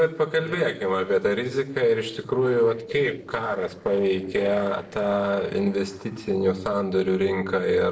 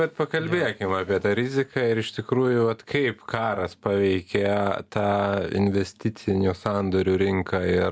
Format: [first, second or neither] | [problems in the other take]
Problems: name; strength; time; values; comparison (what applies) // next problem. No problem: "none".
second | noise reduction (neural separator model SepFormer DNS4)